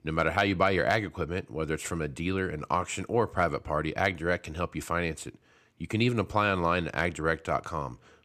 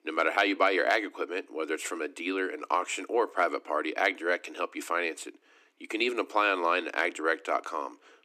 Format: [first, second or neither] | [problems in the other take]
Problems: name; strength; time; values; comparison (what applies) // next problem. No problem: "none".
first | thin; somewhat; fading below 300 Hz